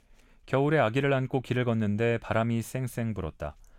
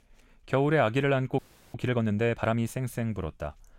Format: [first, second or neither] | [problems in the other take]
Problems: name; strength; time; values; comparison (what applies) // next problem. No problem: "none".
first | audio freezing; at 1.5 s